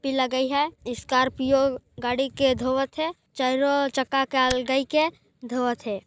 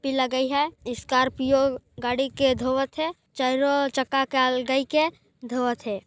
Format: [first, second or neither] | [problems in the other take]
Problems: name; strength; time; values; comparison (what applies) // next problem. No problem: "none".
second | background sound (Tick); 12 dB below the speech